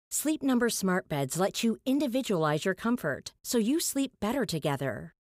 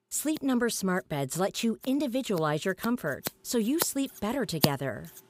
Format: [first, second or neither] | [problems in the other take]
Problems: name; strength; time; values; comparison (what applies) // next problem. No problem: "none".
first | household noises; loud; throughout; 3 dB below the speech